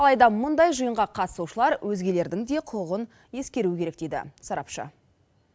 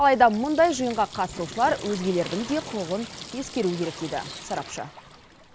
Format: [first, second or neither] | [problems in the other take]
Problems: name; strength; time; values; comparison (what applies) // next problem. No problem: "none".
first | background sound (Sink (filling or washing) / Water tap, faucet + Waves, surf); 15 dB below the speech